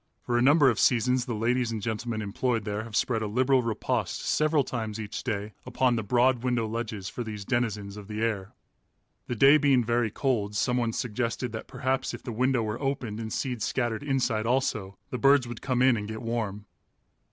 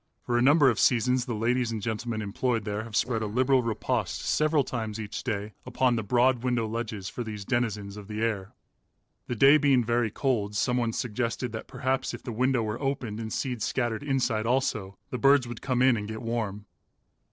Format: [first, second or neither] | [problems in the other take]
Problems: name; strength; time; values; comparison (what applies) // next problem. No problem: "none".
first | noise reduction (neural separator model SepFormer DNS4)